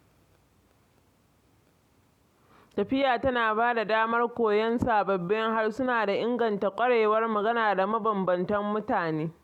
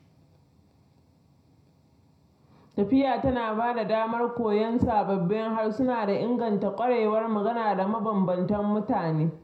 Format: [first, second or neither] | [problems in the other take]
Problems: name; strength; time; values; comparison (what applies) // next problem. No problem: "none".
first | room echo; dies away in 0.4 s